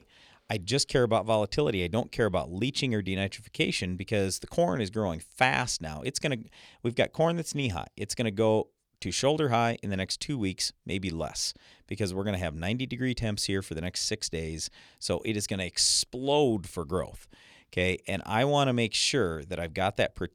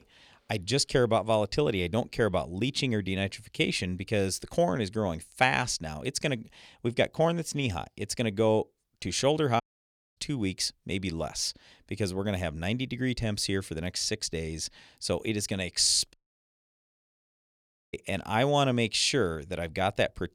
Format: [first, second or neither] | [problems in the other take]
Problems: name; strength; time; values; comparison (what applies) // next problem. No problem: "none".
first | audio cutting out; at 9.5 s for 0.5 s and at 16 s for 2 s